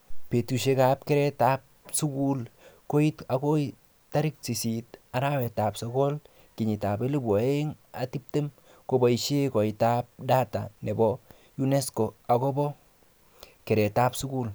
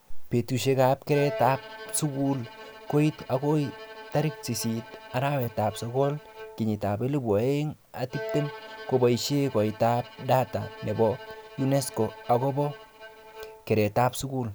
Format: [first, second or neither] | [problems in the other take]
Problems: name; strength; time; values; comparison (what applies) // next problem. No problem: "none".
first | background sound (Bowed string instrument); 16 dB below the speech